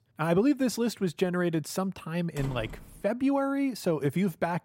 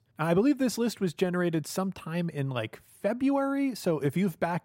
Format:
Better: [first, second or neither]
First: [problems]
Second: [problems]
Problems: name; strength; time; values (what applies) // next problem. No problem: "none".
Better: second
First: door banging; faint; at 2.5 s; peak 15 dB below the speech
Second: none